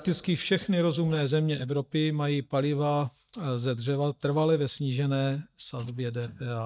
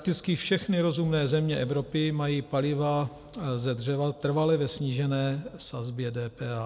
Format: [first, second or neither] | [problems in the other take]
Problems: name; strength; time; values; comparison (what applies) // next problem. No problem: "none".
second | noise reduction (neural mask model DeepFilterNet 3)